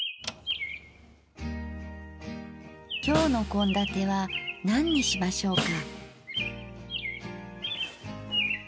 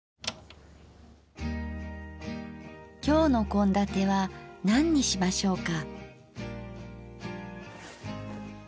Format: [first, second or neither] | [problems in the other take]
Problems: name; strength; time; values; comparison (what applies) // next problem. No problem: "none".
second | background sound (Snare drum + Chirp, tweet); 4 dB below the speech